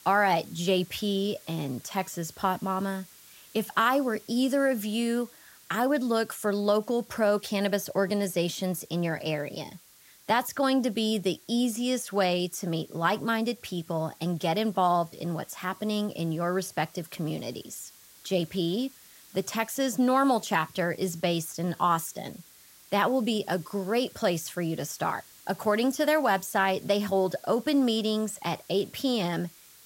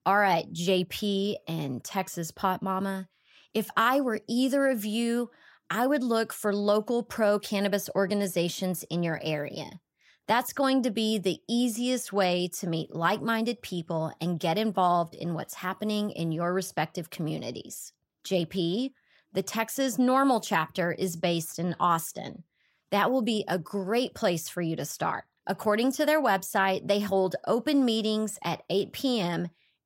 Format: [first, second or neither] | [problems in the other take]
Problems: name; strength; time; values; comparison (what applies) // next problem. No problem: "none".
second | hiss; faint; throughout; 25 dB below the speech